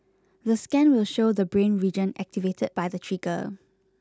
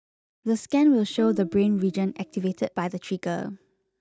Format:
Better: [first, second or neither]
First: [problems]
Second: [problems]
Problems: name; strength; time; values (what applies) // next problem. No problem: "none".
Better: first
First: none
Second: noise reduction (neural mask model DeepFilterNet 3)